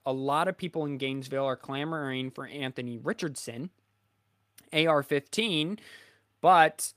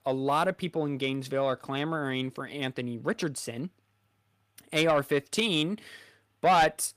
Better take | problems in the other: first | distortion; slight; 10 dB below the speech

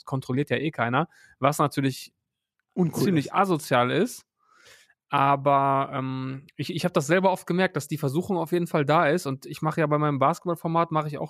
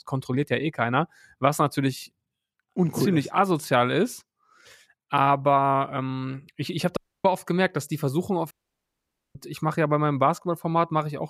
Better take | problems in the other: first | audio cutting out; at 7 s and at 8.5 s for 1 s

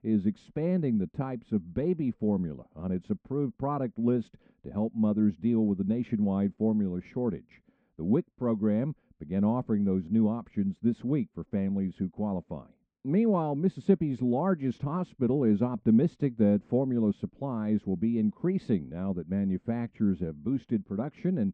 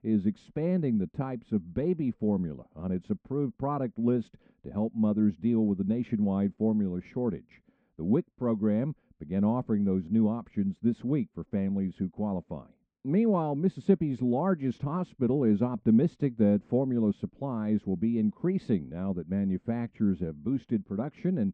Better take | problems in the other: neither | muffled; very; fading above 1 kHz; the same in both

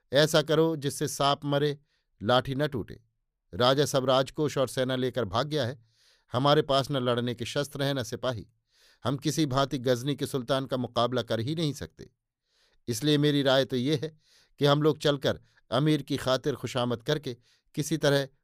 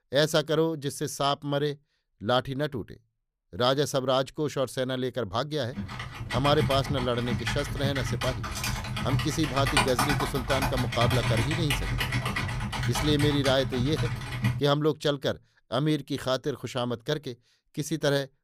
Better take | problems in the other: first | keyboard typing; loud; from 6 to 15 s; peak 4 dB above the speech

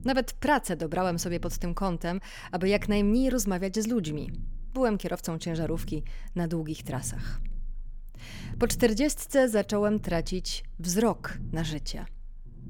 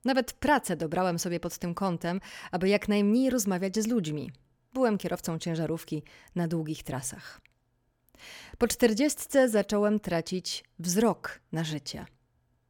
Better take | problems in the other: second | low rumble; faint; throughout; 25 dB below the speech

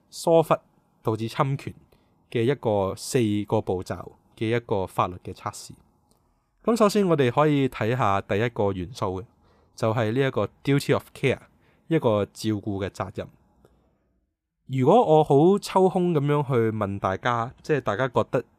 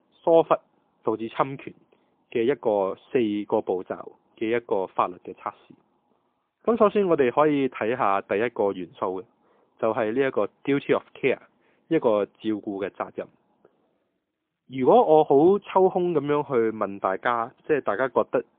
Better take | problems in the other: first | phone-call audio; poor line; nothing above 3.5 kHz

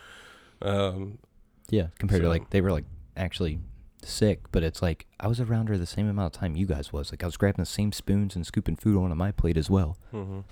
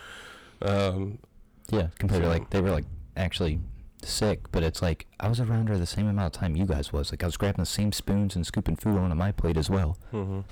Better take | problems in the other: first | distortion; heavy; 7 dB below the speech

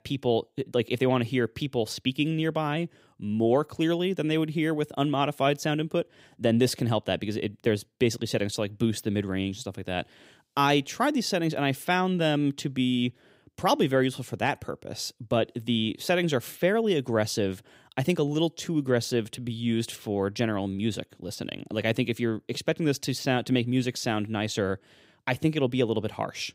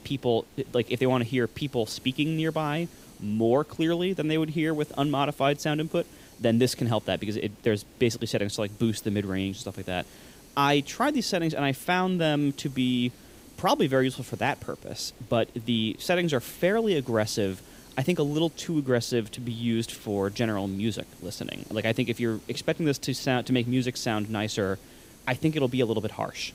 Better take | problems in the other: first | hiss; faint; throughout; 25 dB below the speech

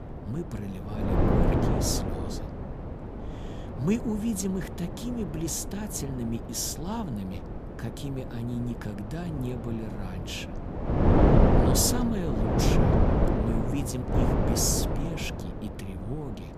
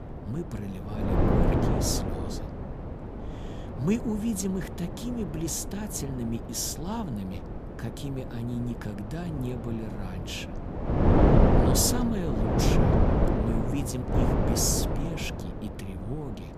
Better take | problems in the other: neither | wind noise on the microphone; heavy; 3 dB above the speech; the same in both

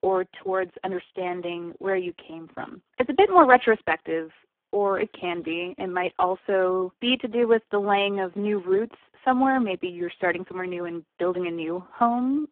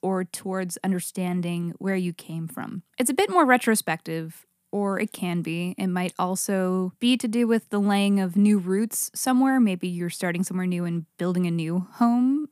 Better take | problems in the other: second | phone-call audio; poor line

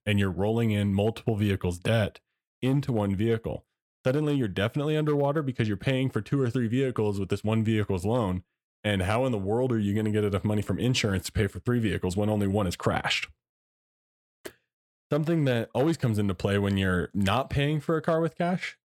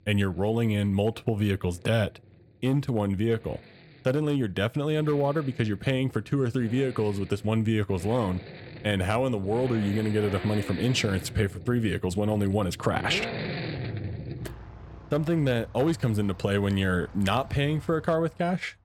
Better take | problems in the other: first | traffic noise; noticeable; throughout; 15 dB below the speech

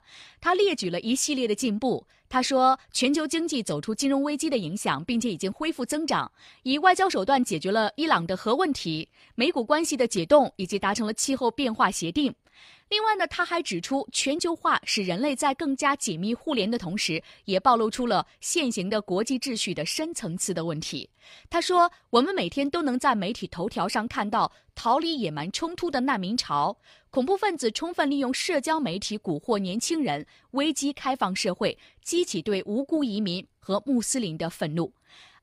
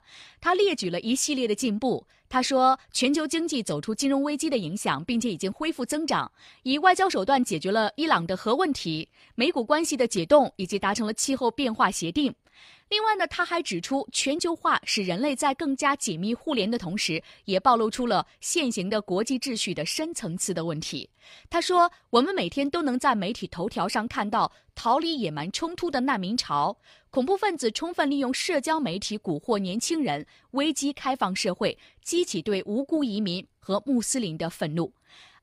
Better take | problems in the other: neither | none

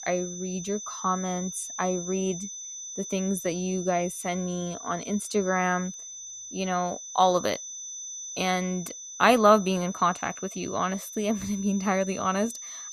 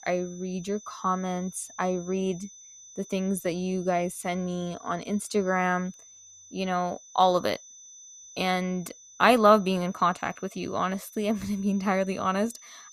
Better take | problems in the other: second | high-pitched whine; loud; throughout; 6 kHz, 10 dB below the speech; faint in the second

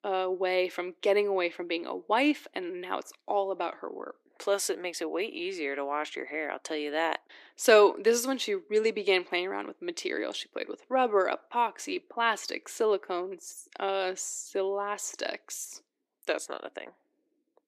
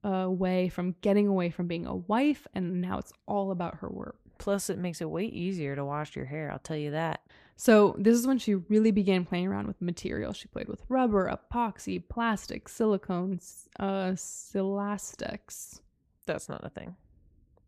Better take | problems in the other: second | thin; somewhat; fading below 300 Hz

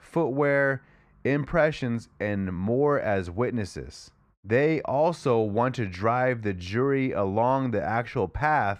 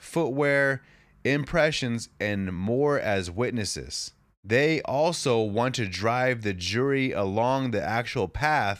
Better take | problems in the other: second | muffled; slightly; fading above 2.5 kHz

